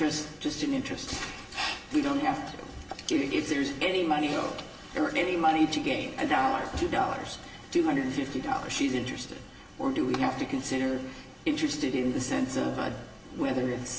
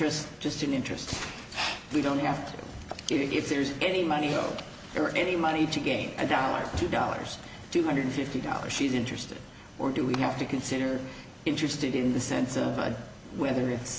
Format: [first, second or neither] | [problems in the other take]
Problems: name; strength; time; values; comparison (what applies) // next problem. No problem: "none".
second | room echo; dies away in 0.8 s